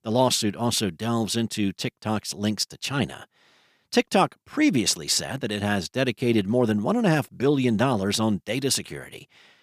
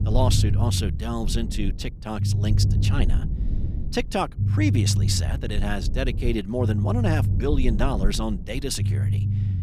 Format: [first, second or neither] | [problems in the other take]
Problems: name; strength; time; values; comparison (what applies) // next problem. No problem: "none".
first | low rumble; loud; throughout; 9 dB below the speech